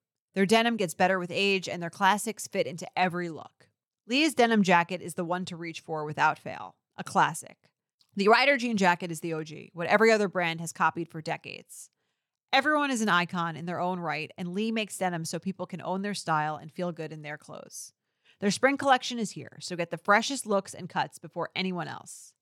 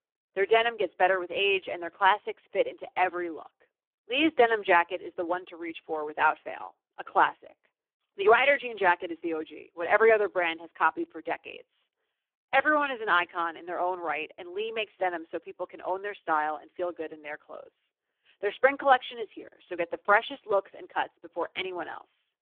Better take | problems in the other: first | phone-call audio; poor line

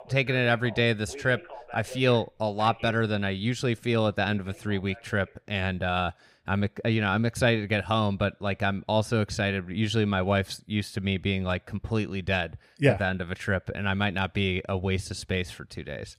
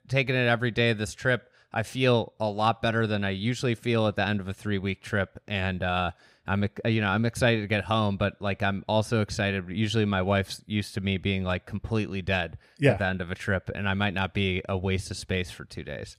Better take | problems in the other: second | alarms or sirens; noticeable; until 5 s; 15 dB below the speech

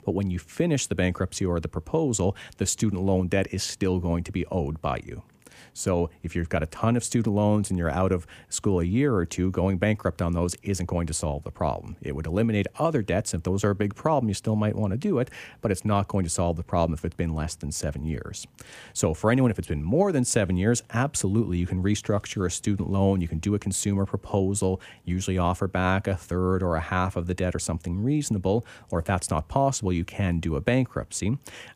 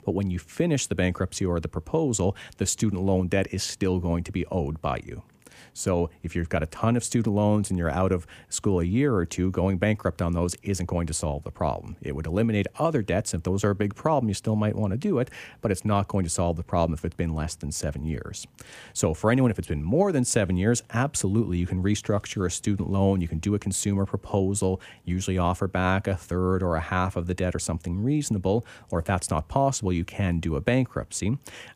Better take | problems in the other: neither | none

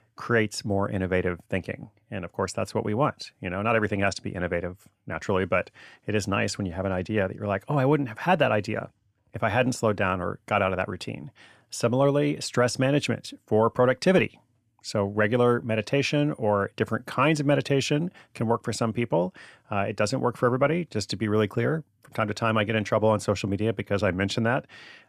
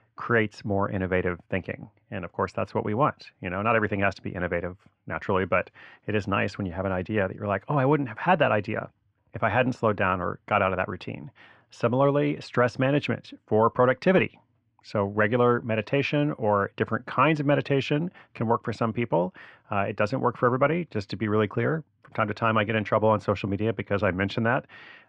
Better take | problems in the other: first | muffled; slightly; fading above 2.5 kHz

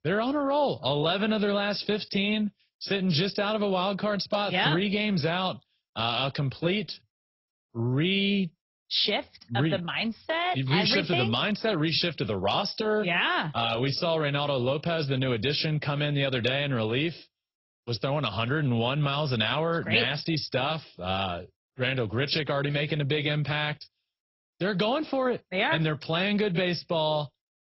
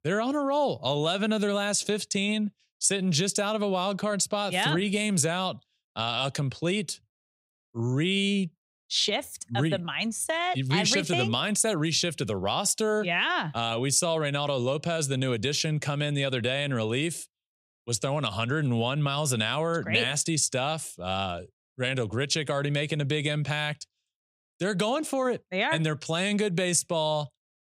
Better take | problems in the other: second | garbled, watery; badly; nothing above 5.5 kHz

